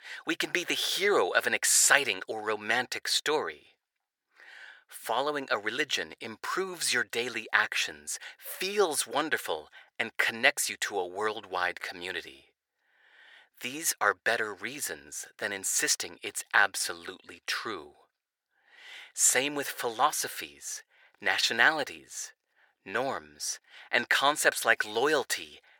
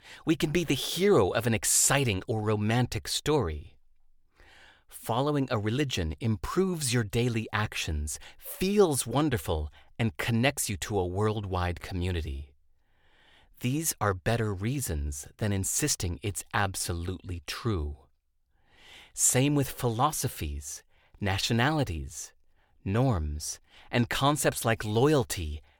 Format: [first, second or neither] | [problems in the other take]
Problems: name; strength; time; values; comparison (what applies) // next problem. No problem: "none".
second | thin; very; fading below 550 Hz